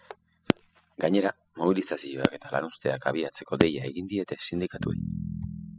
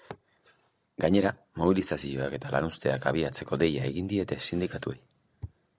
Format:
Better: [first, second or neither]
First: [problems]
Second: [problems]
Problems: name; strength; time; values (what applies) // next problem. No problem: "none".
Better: second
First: noise reduction (classical method spectral subtraction)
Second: none